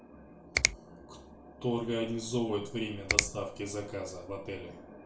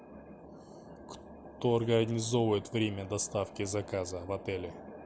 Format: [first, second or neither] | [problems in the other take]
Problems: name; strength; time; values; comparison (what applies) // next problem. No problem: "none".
second | background sound (Finger snapping); 1 dB above the speech // room echo; dies away in 0.4 s